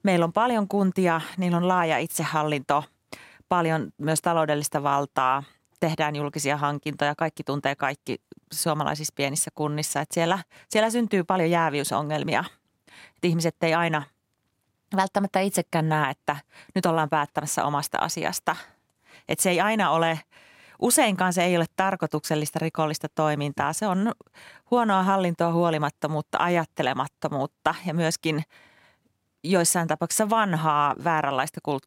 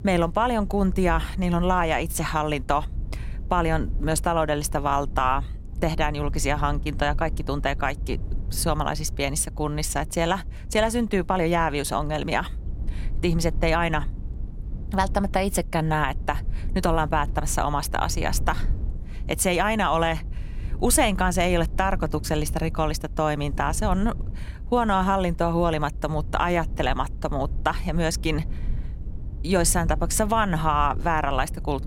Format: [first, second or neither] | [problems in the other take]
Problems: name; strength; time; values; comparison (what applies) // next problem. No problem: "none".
first | low rumble; faint; throughout; 25 dB below the speech